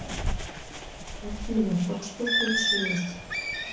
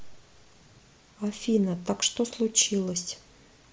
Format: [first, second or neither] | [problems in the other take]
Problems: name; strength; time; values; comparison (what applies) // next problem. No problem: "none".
second | background sound (Bird); 1 dB above the speech // room echo; dies away in 0.6 s